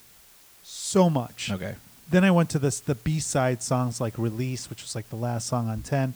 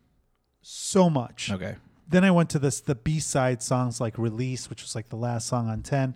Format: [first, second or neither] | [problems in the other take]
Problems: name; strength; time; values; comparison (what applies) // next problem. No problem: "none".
second | hiss; faint; throughout; 25 dB below the speech